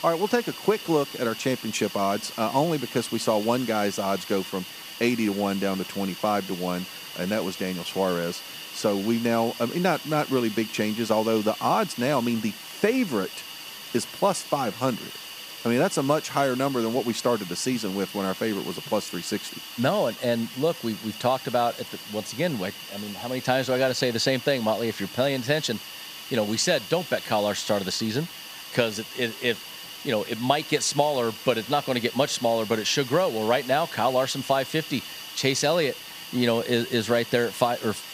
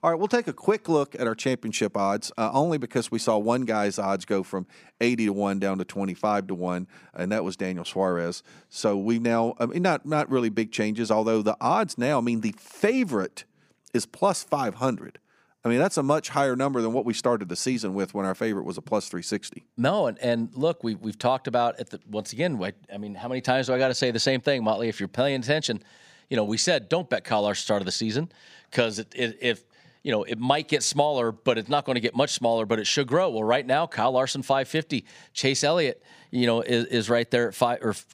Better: second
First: hiss; noticeable; throughout; 10 dB below the speech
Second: none

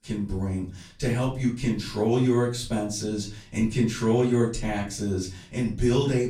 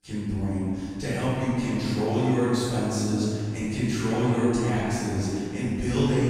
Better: first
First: room echo; slight; dies away in 0.3 s // off-mic speech; far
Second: room echo; strong; dies away in 2.7 s // off-mic speech; far

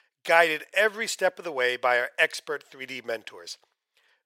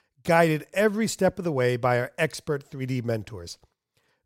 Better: second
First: thin; very; fading below 600 Hz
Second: none

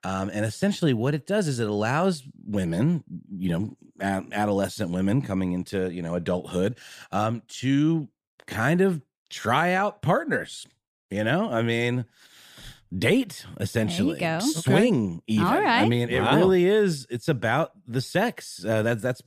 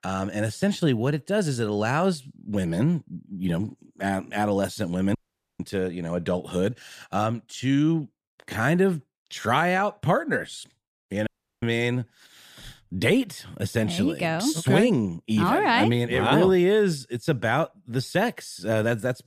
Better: first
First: none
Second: audio cutting out; at 5 s and at 11 s

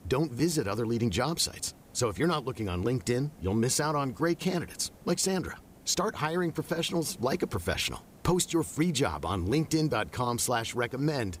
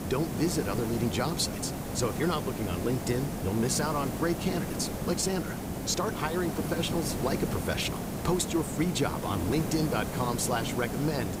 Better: first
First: hiss; faint; throughout; 25 dB below the speech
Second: hiss; loud; throughout; 3 dB below the speech

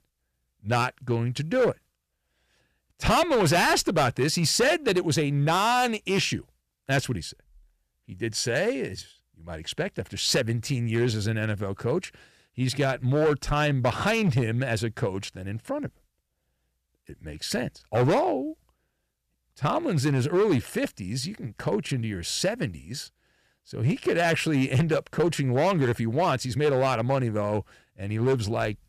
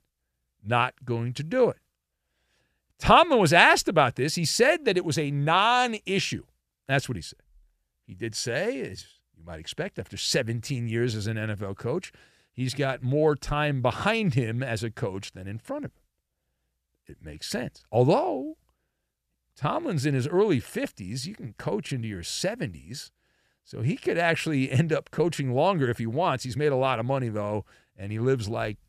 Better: second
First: distortion; heavy; 6% of the sound clipped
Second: none

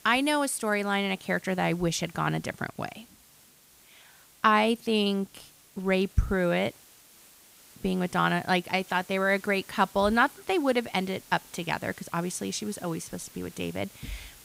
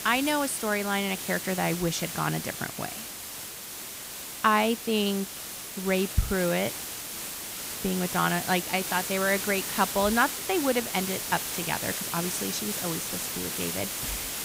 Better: first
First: hiss; faint; throughout; 25 dB below the speech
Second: hiss; loud; throughout; 4 dB below the speech

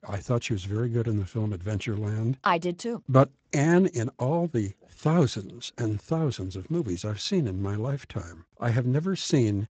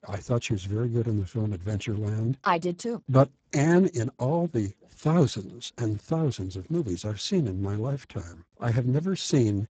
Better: first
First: garbled, watery; slightly; nothing above 7.5 kHz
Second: garbled, watery; badly; nothing above 7.5 kHz

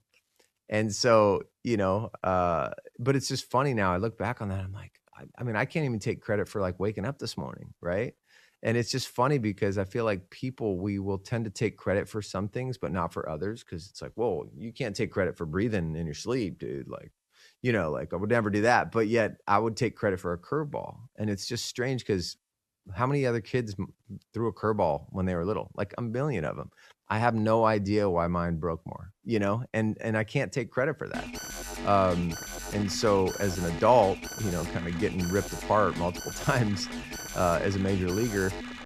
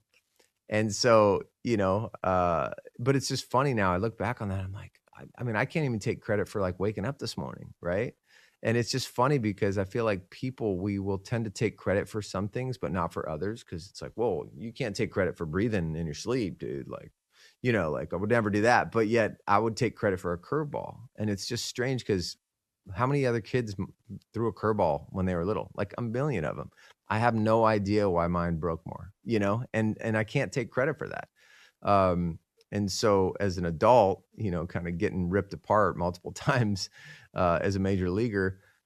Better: second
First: alarm; noticeable; from 31 s on; peak 8 dB below the speech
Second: none

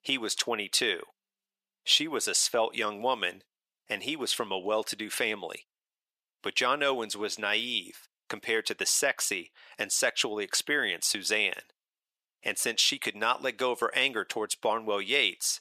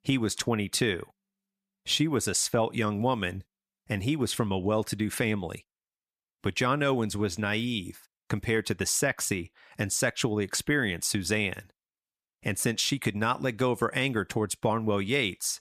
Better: second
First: thin; somewhat; fading below 500 Hz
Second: none

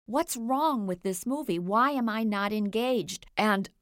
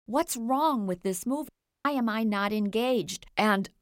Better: first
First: none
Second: audio cutting out; at 1.5 s

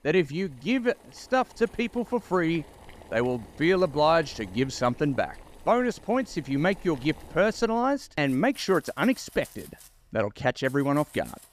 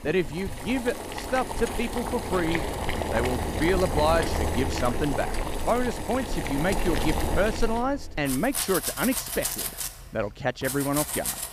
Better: first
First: household noises; faint; throughout; 25 dB below the speech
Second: household noises; loud; throughout; 2 dB below the speech

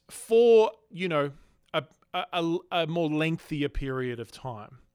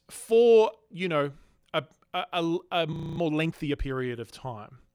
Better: first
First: none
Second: audio freezing; at 3 s

